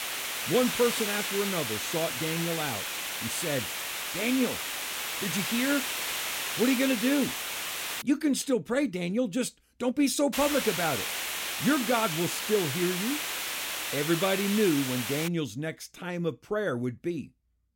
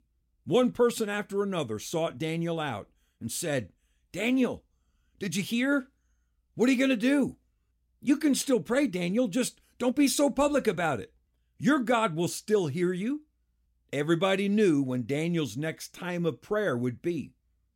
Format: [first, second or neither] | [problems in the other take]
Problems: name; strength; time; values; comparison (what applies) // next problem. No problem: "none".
second | hiss; loud; until 8 s and from 10 to 15 s; 2 dB below the speech